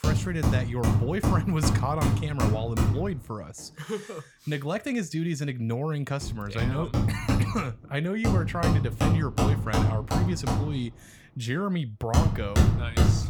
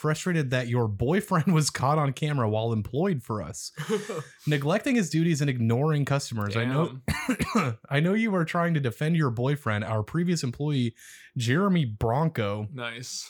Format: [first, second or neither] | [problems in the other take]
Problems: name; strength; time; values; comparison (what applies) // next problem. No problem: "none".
second | machinery noise; very loud; throughout; 4 dB above the speech